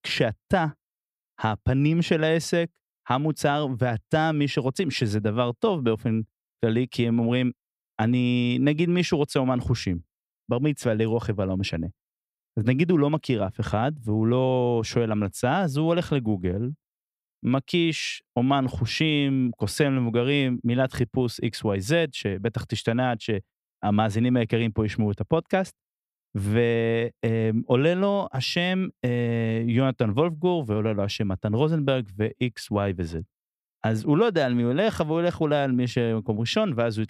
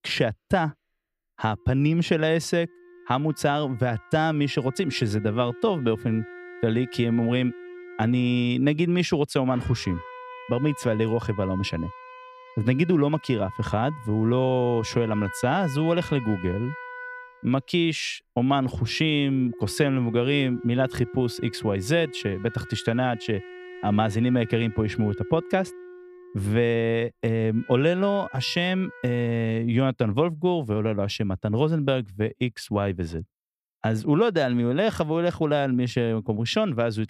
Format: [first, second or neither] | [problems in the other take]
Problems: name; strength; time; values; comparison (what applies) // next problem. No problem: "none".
first | background music; noticeable; until 29 s; 15 dB below the speech